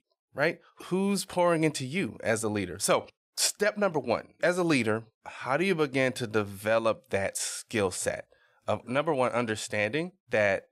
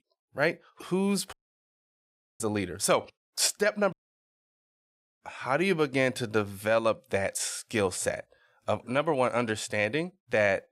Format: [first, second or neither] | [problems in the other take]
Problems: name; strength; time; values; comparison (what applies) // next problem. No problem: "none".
first | audio cutting out; at 1.5 s for 1 s and at 4 s for 1.5 s